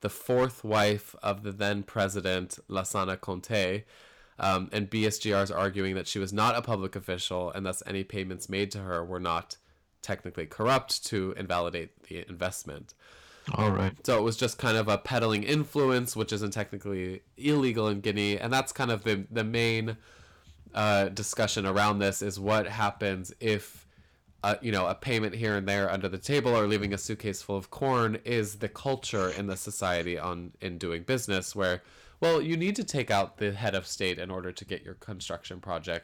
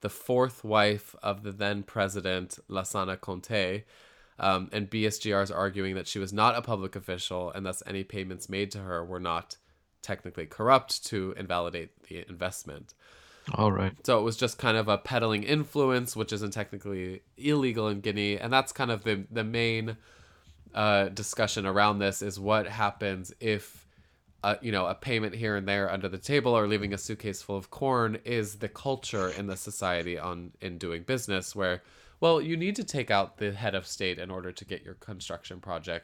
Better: second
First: distortion; slight; 3% of the sound clipped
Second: none

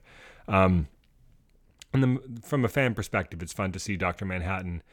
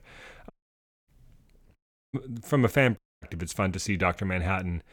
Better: first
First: none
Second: audio cutting out; at 0.5 s for 0.5 s, at 2 s and at 3 s

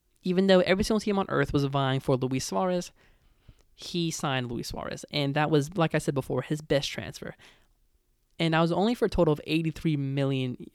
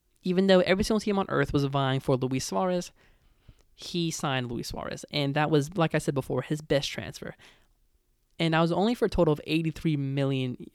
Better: neither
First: none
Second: none

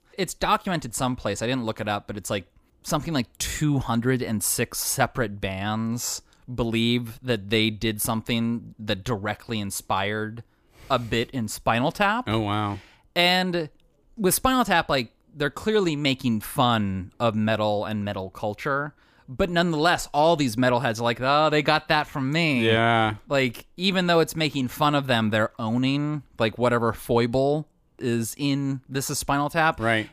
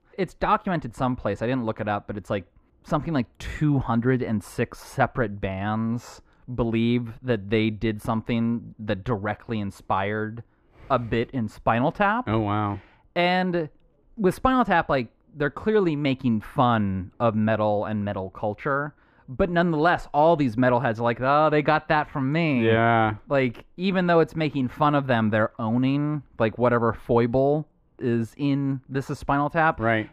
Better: first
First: none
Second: muffled; very; fading above 3.5 kHz

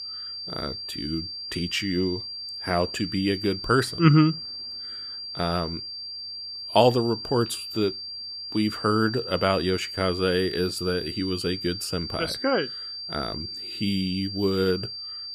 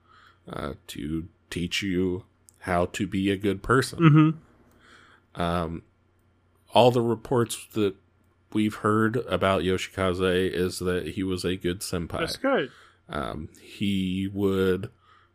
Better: second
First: high-pitched whine; loud; throughout; 4.5 kHz, 7 dB below the speech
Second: none

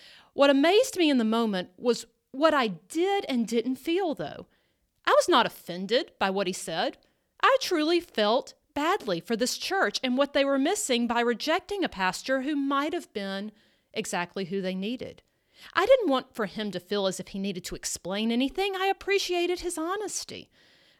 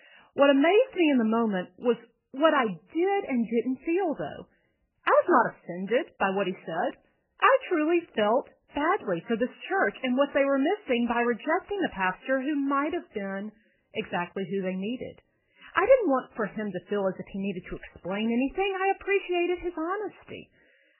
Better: first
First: none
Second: garbled, watery; badly; nothing above 3 kHz

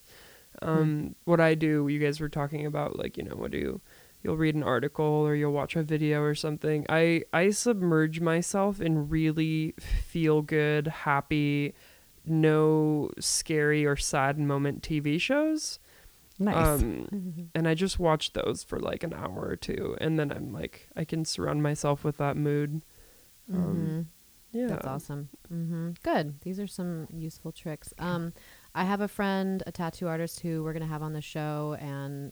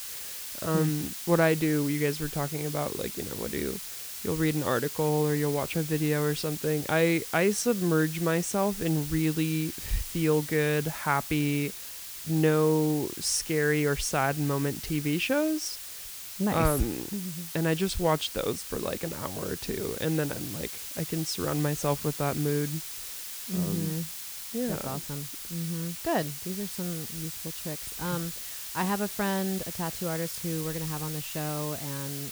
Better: first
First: hiss; faint; throughout; 25 dB below the speech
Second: hiss; loud; throughout; 7 dB below the speech

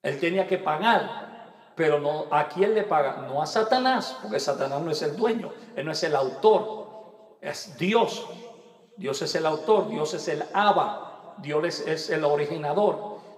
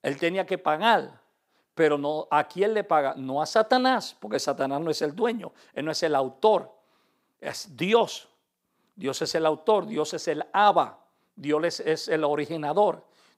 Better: second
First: room echo; slight; dies away in 1.4 s // off-mic speech; somewhat distant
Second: none

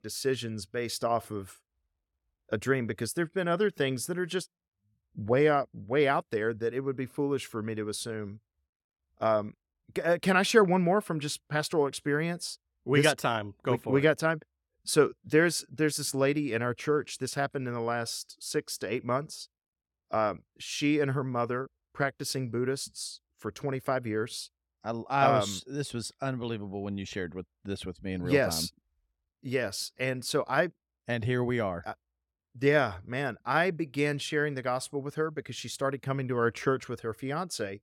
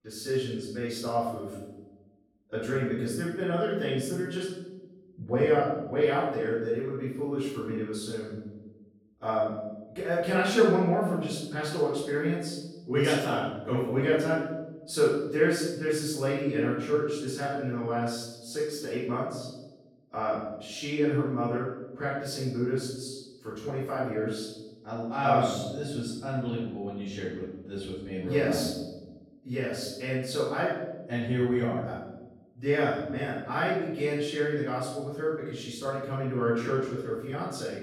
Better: first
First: none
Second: room echo; strong; dies away in 1 s // off-mic speech; far

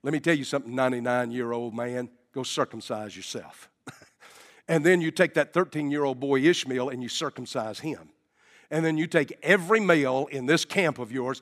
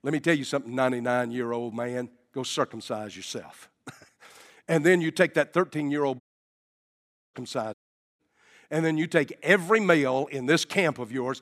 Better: first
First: none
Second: audio cutting out; at 6 s for 1 s and at 7.5 s

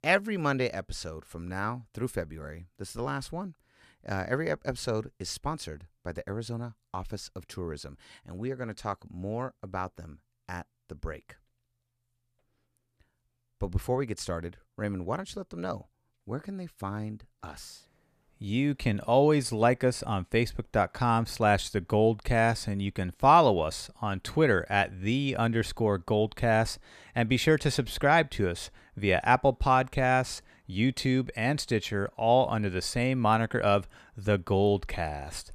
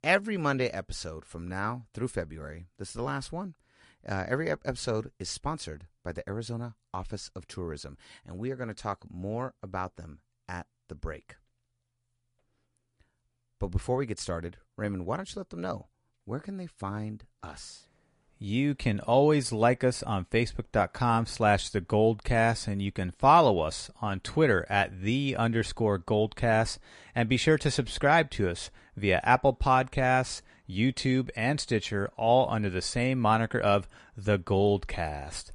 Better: first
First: none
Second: garbled, watery; slightly; nothing above 10.5 kHz

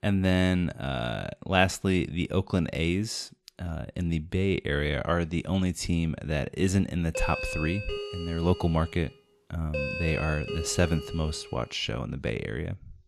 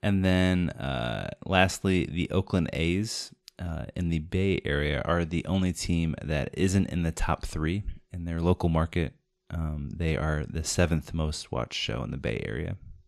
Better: second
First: doorbell; noticeable; from 7 to 12 s; peak 3 dB below the speech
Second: none

